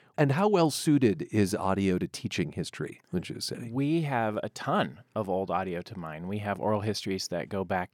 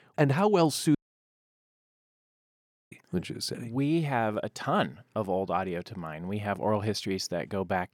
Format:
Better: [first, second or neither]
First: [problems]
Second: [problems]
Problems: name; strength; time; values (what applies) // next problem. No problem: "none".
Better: first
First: none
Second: audio cutting out; at 1 s for 2 s